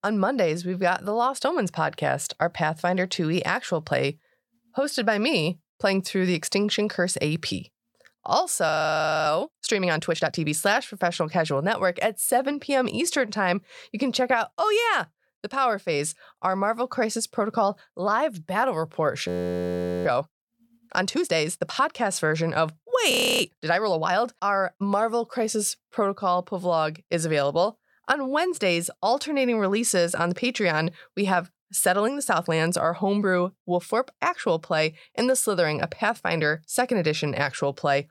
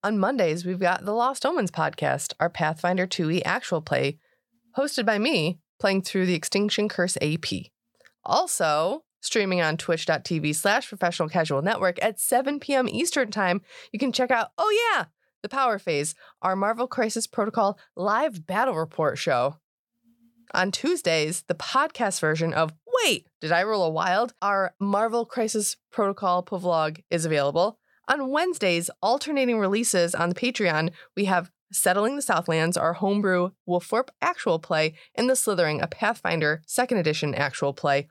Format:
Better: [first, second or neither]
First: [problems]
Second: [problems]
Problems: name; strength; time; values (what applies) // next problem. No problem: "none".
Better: second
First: audio freezing; at 8.5 s for 0.5 s, at 19 s for 1 s and at 23 s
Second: none